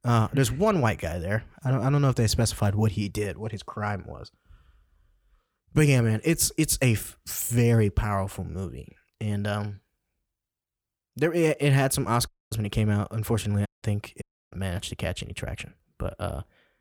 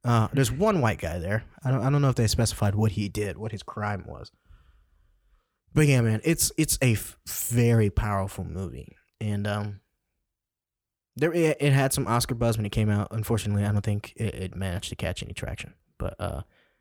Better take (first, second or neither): second